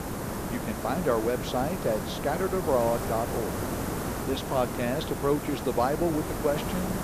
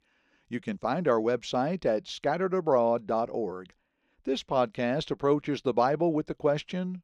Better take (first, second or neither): second